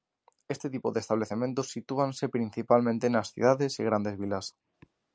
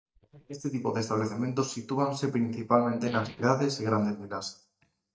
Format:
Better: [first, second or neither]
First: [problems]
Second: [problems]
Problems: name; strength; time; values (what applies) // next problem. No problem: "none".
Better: first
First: none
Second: noise reduction (neural mask model DeepFilterNet 3)